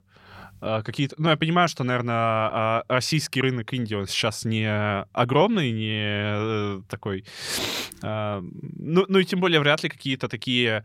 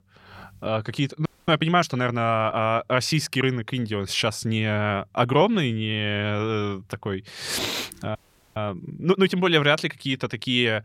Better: first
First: none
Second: audio freezing; at 1.5 s and at 8 s

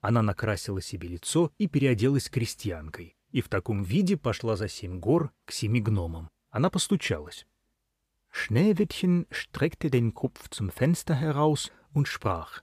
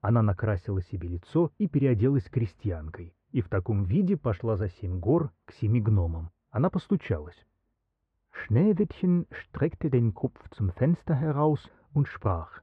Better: first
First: none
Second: muffled; very; fading above 1.5 kHz

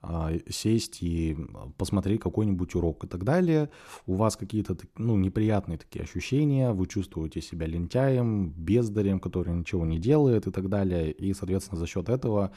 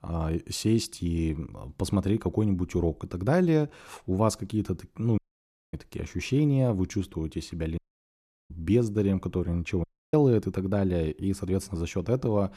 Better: first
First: none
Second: audio cutting out; at 5 s for 0.5 s, at 8 s for 0.5 s and at 10 s

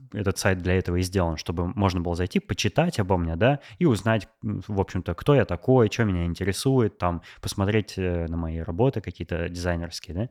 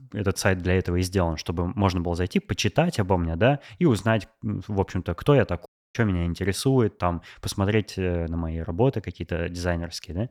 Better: first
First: none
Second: audio cutting out; at 5.5 s

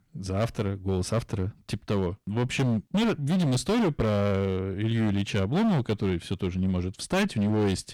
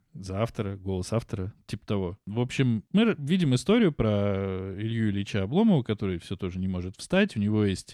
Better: second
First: distortion; heavy; 17% of the sound clipped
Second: none

